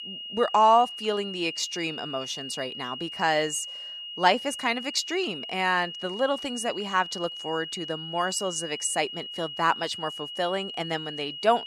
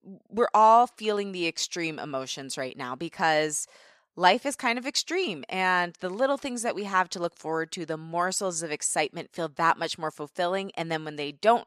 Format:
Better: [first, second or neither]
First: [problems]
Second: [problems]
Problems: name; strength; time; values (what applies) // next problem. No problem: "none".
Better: second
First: high-pitched whine; loud; throughout; 3 kHz, 8 dB below the speech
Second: none